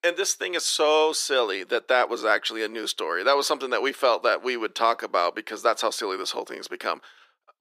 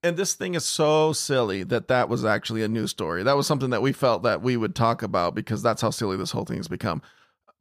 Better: second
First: thin; very; fading below 350 Hz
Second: none

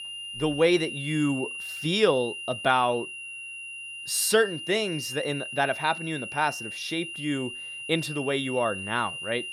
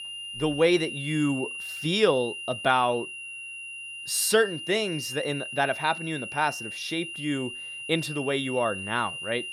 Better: neither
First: high-pitched whine; loud; throughout; 3 kHz, 8 dB below the speech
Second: high-pitched whine; loud; throughout; 3 kHz, 8 dB below the speech

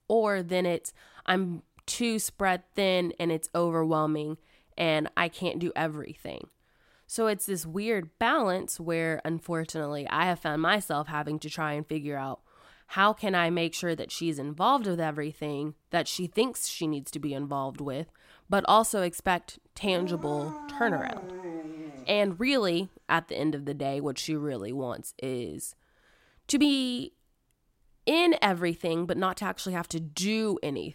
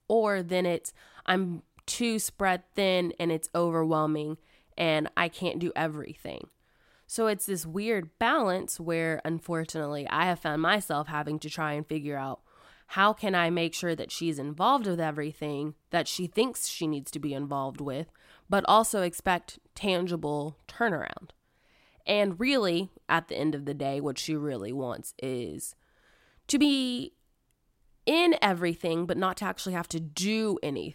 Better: second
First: dog barking; noticeable; from 20 to 22 s; peak 7 dB below the speech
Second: none

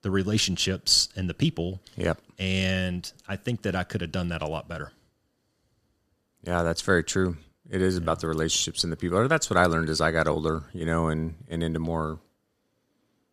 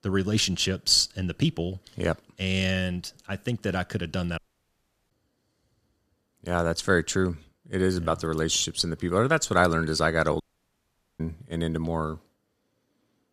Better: first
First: none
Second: audio cutting out; at 4.5 s for 0.5 s and at 10 s for 1 s

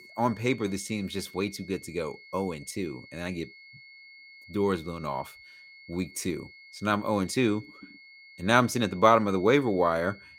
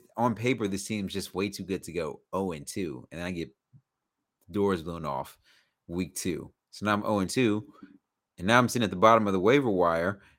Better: second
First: high-pitched whine; faint; throughout; 2 kHz, 20 dB below the speech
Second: none

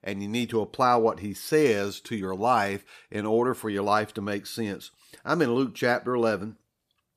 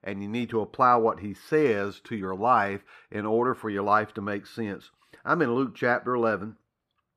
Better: first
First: none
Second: muffled; slightly; fading above 3.5 kHz

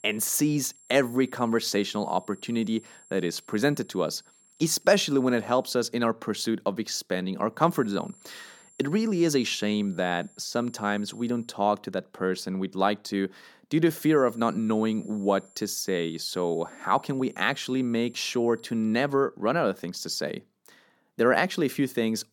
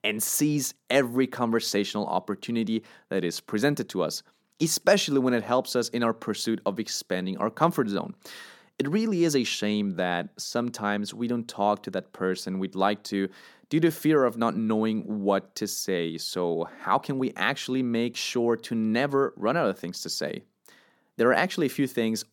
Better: second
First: high-pitched whine; faint; until 5.5 s, from 7.5 to 11 s and from 14 to 19 s; 7.5 kHz, 30 dB below the speech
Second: none

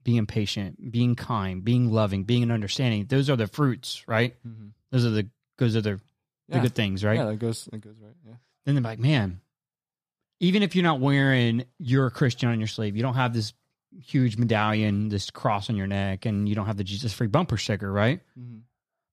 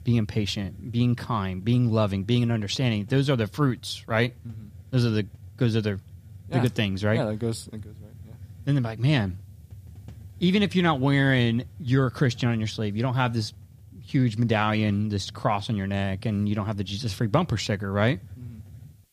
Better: first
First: none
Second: hiss; faint; throughout; 20 dB below the speech

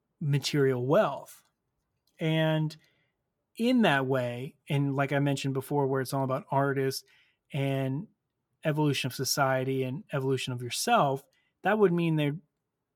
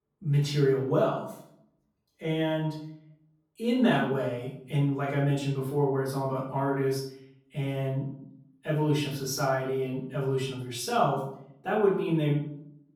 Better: first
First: none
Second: off-mic speech; far // room echo; noticeable; dies away in 0.6 s

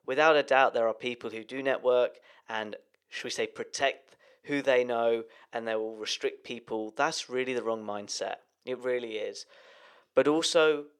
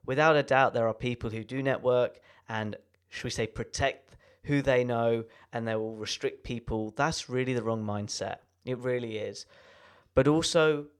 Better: second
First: thin; somewhat; fading below 400 Hz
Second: none

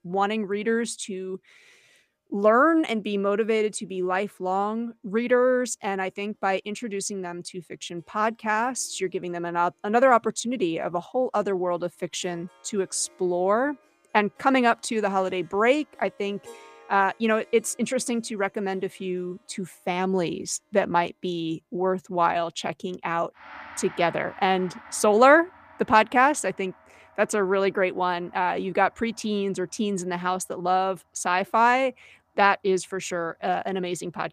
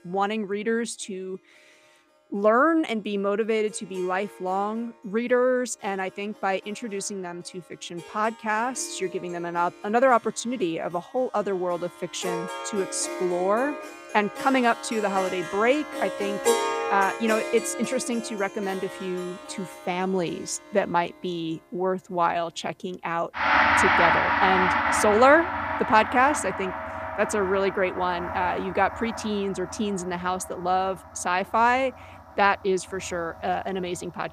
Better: first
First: background music; faint; throughout; 25 dB below the speech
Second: background music; loud; throughout; 2 dB below the speech

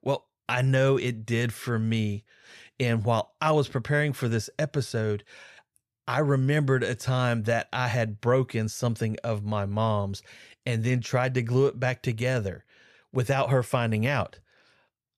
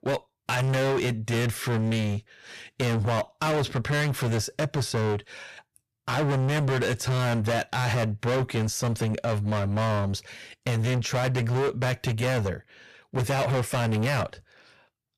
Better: first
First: none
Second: distortion; heavy; 29% of the sound clipped

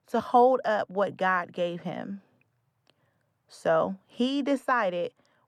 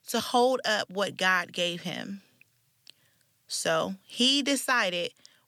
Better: second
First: muffled; very; fading above 2 kHz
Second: none

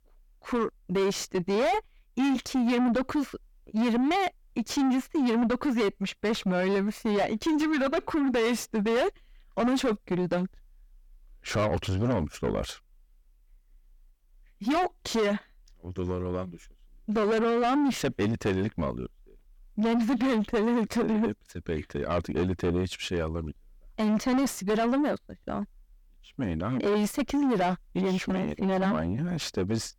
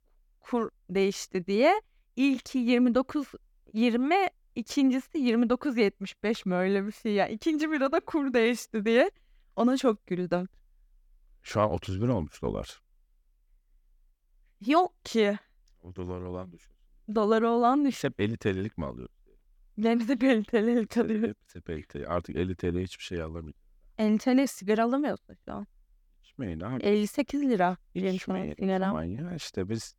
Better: second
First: distortion; heavy; 5 dB below the speech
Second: none

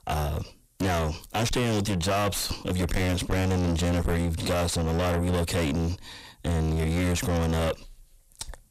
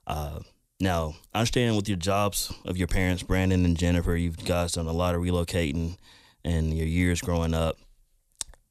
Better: second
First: distortion; heavy; 5 dB below the speech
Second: none

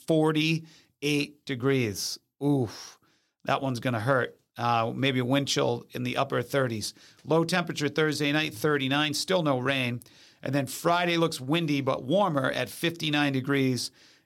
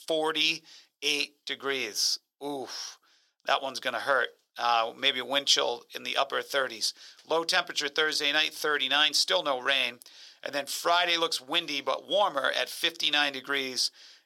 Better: first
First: none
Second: thin; very; fading below 650 Hz

